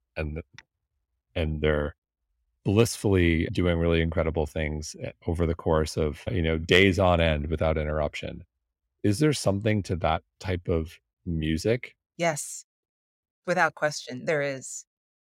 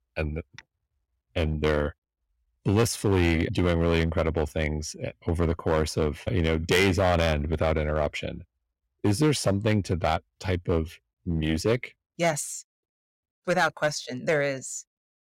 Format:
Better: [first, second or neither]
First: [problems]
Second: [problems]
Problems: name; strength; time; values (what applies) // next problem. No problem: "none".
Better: first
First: none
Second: distortion; slight; 6% of the sound clipped